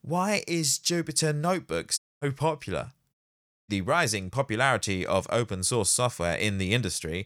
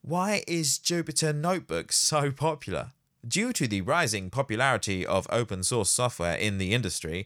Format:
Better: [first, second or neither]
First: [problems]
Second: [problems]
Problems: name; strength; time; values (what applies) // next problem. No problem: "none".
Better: second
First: audio cutting out; at 2 s and at 3 s for 0.5 s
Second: none